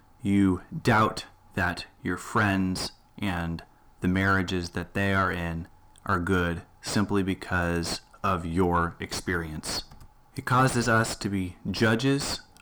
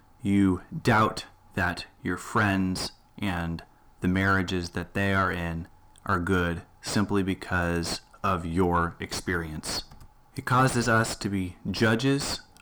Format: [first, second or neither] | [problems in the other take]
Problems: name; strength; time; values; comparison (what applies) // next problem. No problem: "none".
neither | distortion; heavy; 5 dB below the speech; the same in both